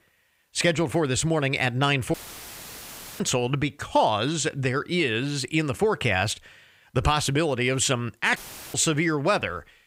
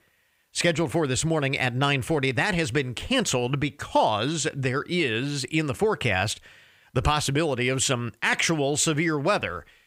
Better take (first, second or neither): second